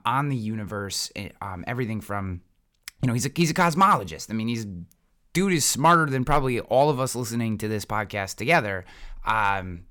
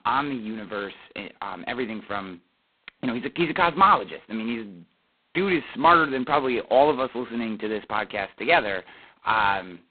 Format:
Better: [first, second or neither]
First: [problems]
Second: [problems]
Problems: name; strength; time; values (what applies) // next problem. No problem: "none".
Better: first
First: none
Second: phone-call audio; poor line; nothing above 4 kHz